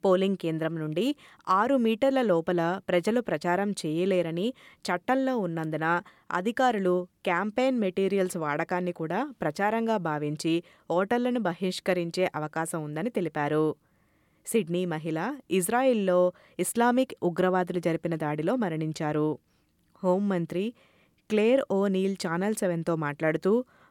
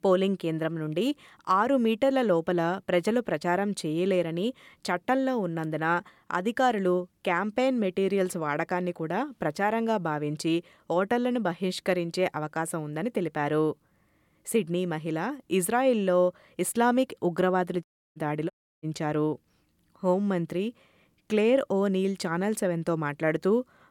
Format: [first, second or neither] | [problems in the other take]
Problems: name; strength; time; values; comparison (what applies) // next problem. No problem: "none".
first | audio cutting out; at 18 s and at 19 s